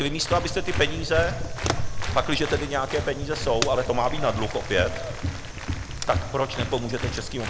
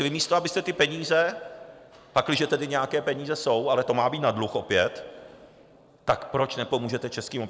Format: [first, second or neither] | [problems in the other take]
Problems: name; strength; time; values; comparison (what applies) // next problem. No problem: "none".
second | background sound (Fire + Applause); 2 dB below the speech